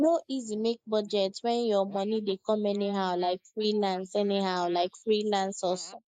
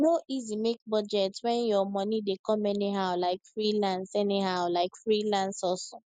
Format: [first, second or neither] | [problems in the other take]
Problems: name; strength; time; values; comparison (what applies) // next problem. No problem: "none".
second | noise reduction (neural mask model Resemble Enhance denoiser)